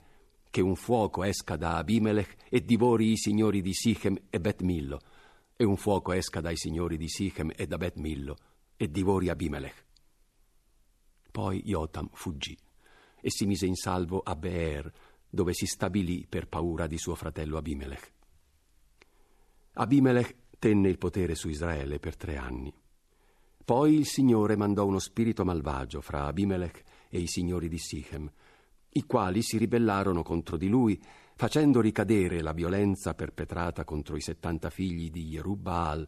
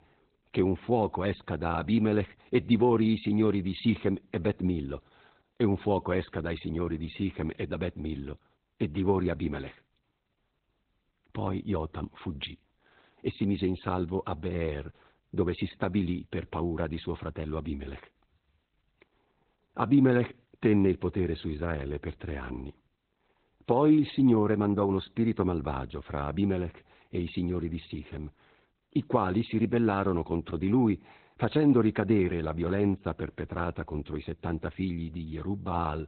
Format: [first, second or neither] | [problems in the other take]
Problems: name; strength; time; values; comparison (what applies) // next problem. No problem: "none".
first | garbled, watery; badly; nothing above 4 kHz